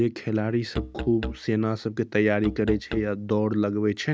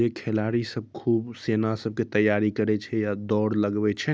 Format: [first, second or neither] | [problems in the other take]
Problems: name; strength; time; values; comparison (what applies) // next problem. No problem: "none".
second | noise reduction (neural mask model RNNoise)